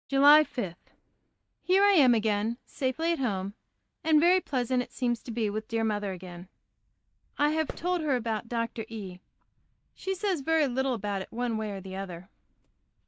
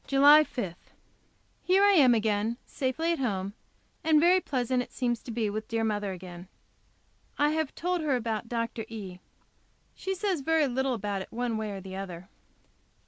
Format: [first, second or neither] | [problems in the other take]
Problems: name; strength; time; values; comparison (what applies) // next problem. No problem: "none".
second | noise reduction (neural mask model DeepFilterNet 3)